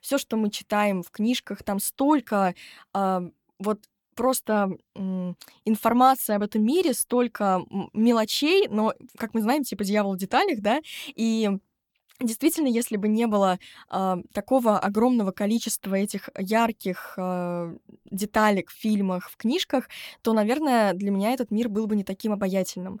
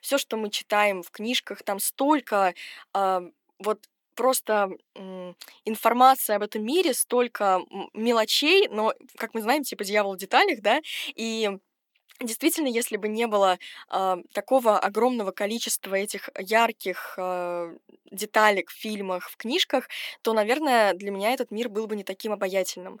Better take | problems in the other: first | thin; somewhat; fading below 350 Hz

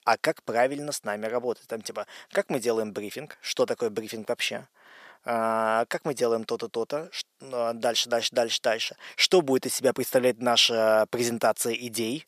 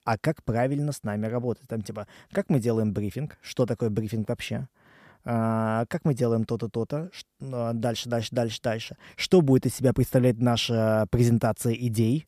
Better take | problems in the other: second | thin; somewhat; fading below 500 Hz

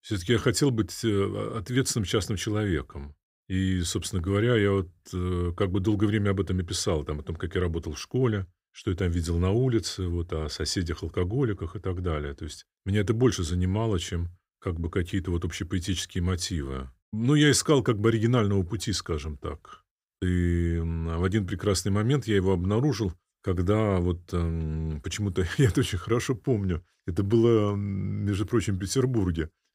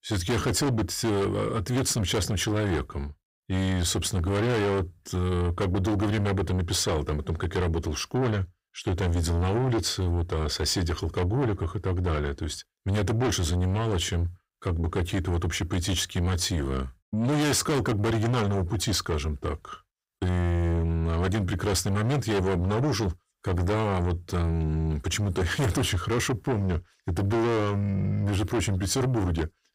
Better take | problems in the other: first | distortion; heavy; 5 dB below the speech

